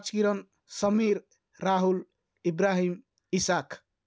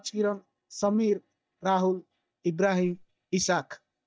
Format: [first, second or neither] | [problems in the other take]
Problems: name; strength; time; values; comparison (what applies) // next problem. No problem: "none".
first | noise reduction (neural mask model DeepFilterNet 3)